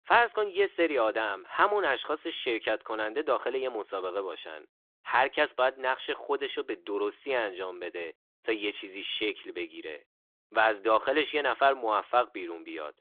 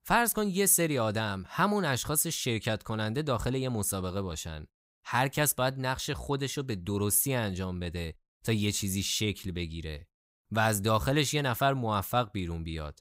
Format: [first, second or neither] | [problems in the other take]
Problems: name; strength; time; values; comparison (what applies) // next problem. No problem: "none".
second | phone-call audio; nothing above 3.5 kHz